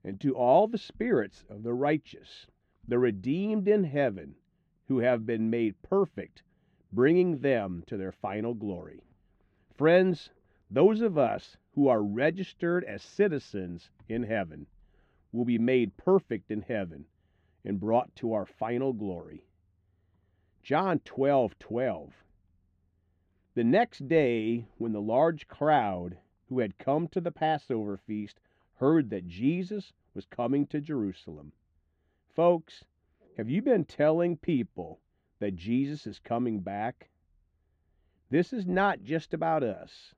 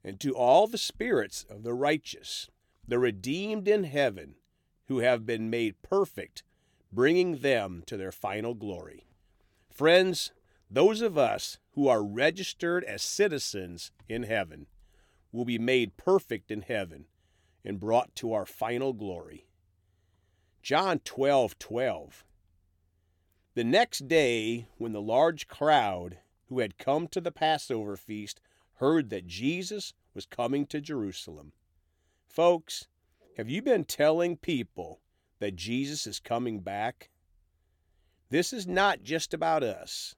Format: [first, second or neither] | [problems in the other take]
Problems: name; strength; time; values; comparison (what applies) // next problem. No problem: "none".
second | muffled; very; fading above 2 kHz